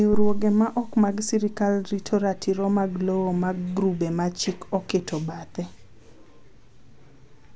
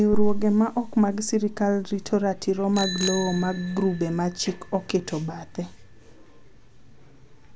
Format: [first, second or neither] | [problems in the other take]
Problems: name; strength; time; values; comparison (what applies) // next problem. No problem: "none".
first | background sound (Bicycle bell); 16 dB below the speech